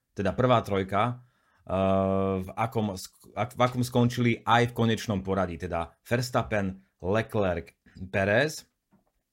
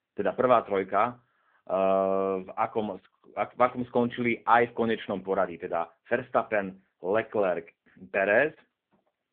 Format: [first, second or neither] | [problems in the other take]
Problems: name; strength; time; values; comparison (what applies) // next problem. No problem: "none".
first | phone-call audio; nothing above 3.5 kHz